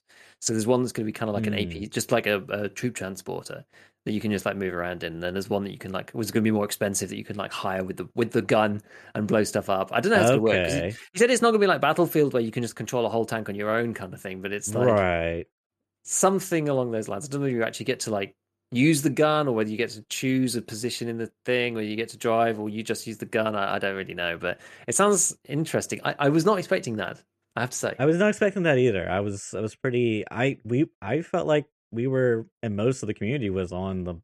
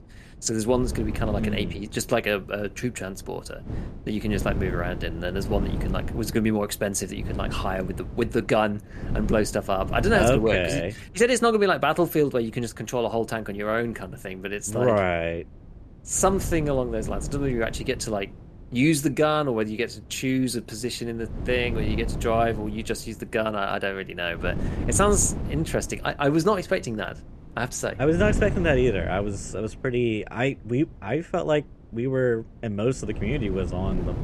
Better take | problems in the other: first | wind noise on the microphone; occasional gusts; 15 dB below the speech

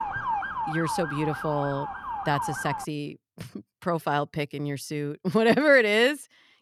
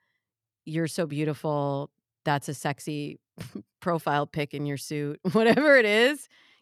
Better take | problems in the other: second | siren; noticeable; until 3 s; peak 3 dB below the speech

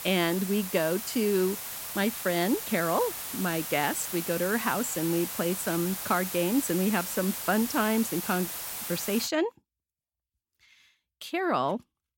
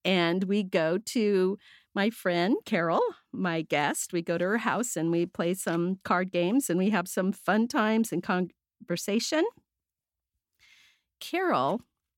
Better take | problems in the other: second | hiss; loud; until 9.5 s; 5 dB below the speech

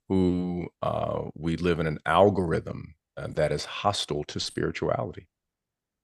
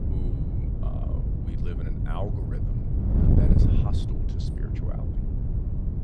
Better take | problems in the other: first | wind noise on the microphone; heavy; 5 dB above the speech

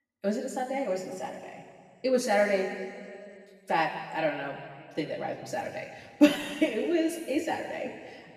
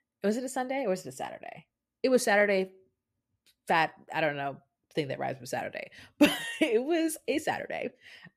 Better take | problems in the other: second | room echo; noticeable; dies away in 2 s // off-mic speech; far

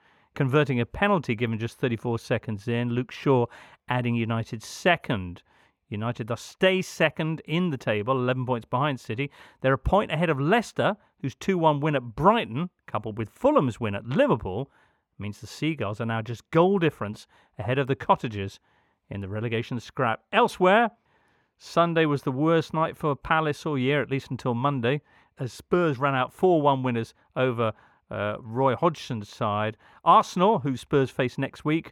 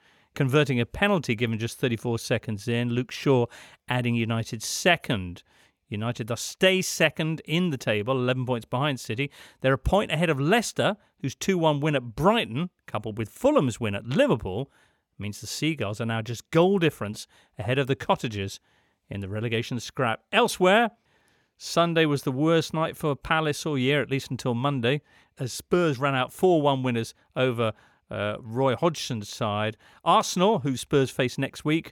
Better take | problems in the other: second | muffled; slightly; fading above 3.5 kHz

